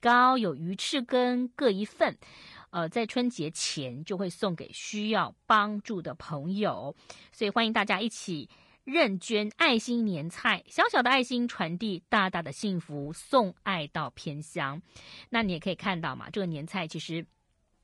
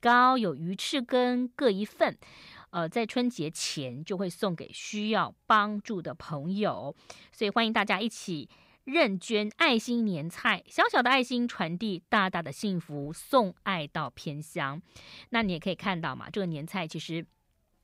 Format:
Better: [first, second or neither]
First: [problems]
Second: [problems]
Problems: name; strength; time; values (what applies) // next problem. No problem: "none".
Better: second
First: garbled, watery; slightly; nothing above 10.5 kHz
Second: none